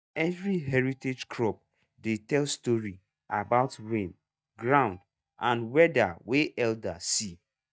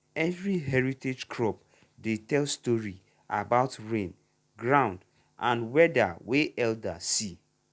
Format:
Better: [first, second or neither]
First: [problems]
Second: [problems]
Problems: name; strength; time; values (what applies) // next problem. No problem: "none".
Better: second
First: noise reduction (neural mask model DeepFilterNet 3)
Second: none